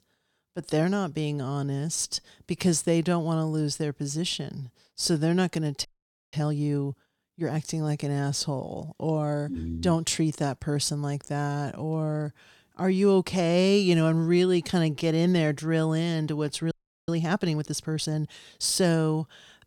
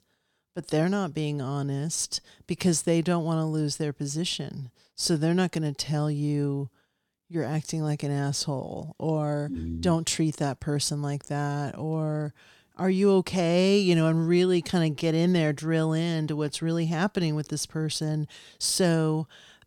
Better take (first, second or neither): second